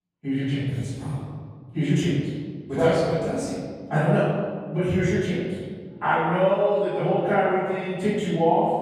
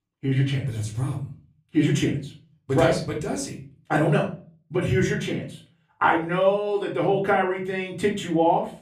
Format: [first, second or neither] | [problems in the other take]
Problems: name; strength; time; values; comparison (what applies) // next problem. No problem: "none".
second | room echo; strong; dies away in 1.7 s; slight in the second // off-mic speech; far; far in the second